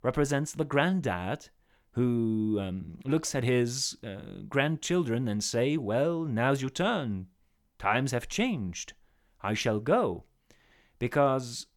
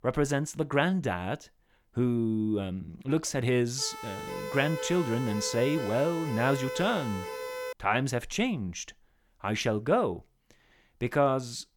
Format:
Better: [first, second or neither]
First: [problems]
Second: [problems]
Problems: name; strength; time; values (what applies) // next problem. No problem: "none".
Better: first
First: none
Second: siren; noticeable; from 4 to 7.5 s; peak 6 dB below the speech